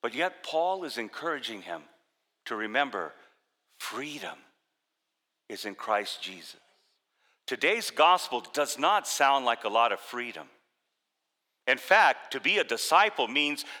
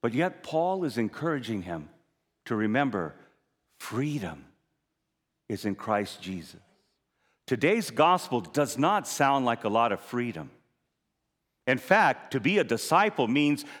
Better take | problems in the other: second | thin; somewhat; fading below 550 Hz

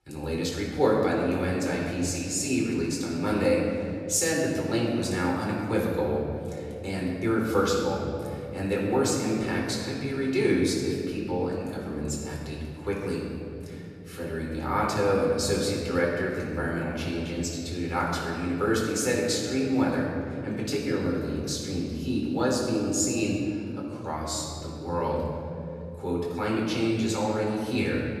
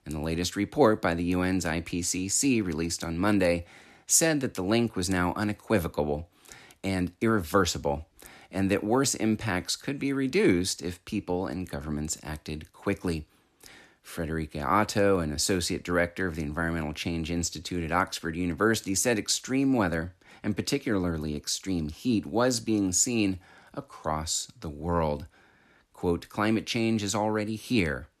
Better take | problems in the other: second | off-mic speech; far // room echo; noticeable; dies away in 3 s

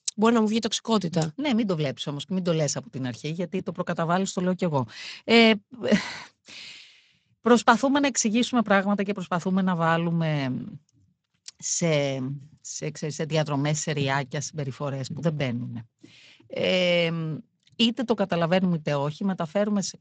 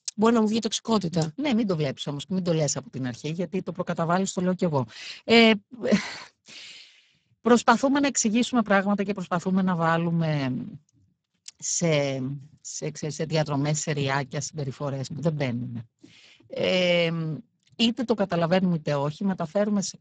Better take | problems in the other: first | garbled, watery; badly; nothing above 7.5 kHz; slightly in the first

